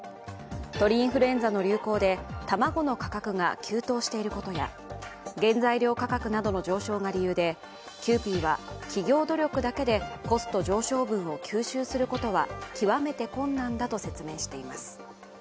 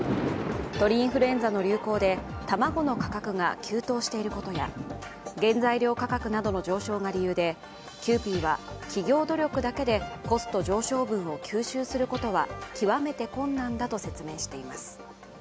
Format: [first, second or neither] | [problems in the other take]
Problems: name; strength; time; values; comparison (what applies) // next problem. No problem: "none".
first | background sound (Thunder); 12 dB below the speech